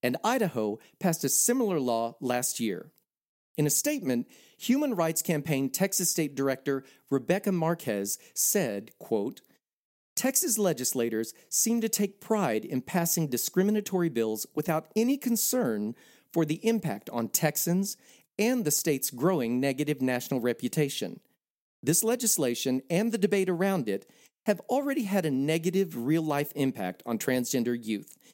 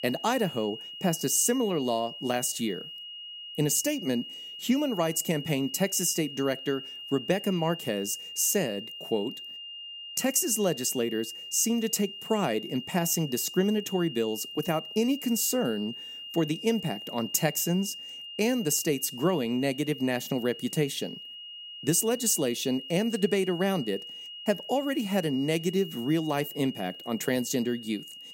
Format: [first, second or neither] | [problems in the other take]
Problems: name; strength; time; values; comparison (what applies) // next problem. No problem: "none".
first | high-pitched whine; noticeable; throughout; 3 kHz, 10 dB below the speech